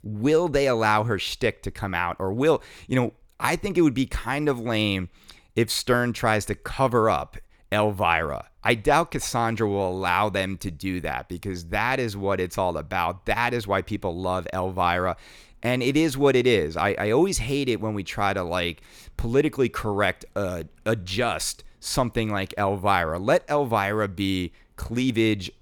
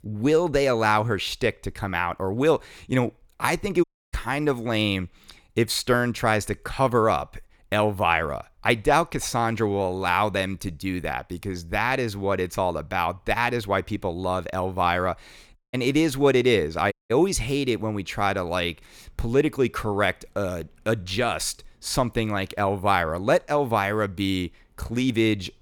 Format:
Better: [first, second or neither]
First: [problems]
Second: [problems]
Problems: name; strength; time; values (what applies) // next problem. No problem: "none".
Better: first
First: none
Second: audio cutting out; at 4 s, at 16 s and at 17 s